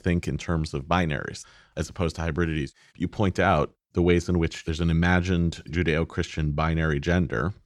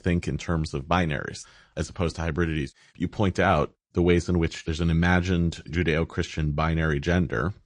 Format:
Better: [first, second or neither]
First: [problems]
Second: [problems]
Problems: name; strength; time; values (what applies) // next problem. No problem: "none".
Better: first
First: none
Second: garbled, watery; slightly; nothing above 9 kHz